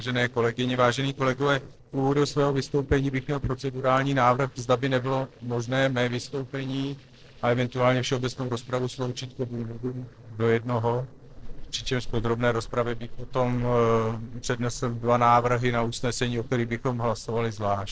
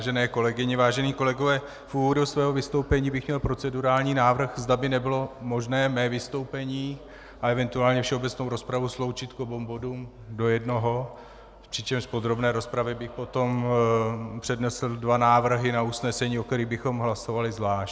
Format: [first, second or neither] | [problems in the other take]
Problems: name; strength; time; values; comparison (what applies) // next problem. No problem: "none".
second | noise reduction (neural separator model SepFormer DNS4)